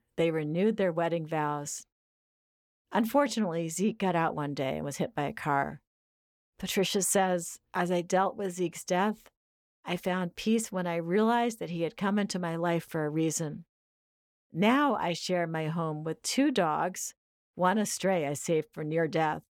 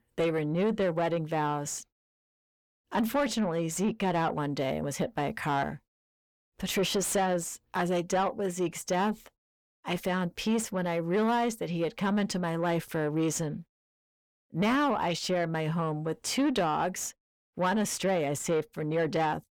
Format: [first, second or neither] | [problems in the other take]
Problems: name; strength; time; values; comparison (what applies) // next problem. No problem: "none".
first | distortion; slight; 10 dB below the speech